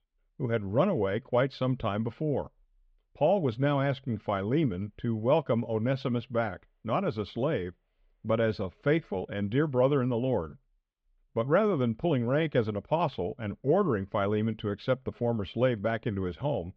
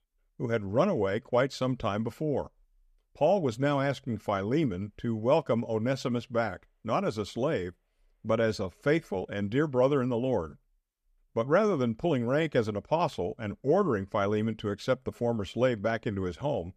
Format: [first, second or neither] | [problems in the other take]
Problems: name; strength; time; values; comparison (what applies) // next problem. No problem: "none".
second | muffled; slightly; fading above 3.5 kHz